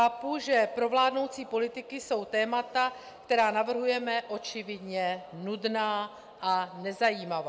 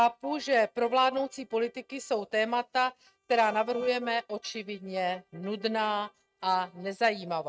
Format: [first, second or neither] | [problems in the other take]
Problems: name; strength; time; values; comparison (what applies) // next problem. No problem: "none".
first | noise reduction (neural mask model RNNoise)